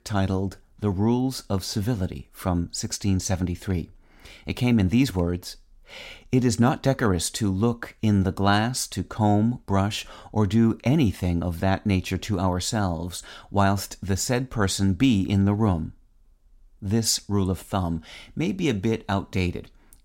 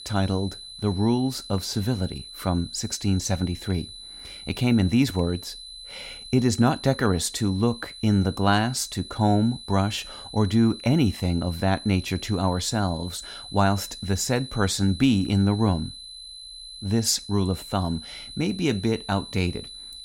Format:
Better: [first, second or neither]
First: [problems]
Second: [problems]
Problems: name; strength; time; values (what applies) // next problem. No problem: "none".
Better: first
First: none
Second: high-pitched whine; noticeable; throughout; 4 kHz, 15 dB below the speech